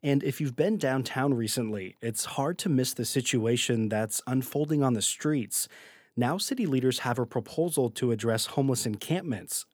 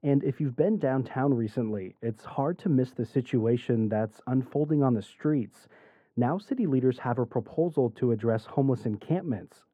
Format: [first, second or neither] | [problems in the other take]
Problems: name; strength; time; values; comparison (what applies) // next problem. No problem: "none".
first | muffled; very; fading above 3 kHz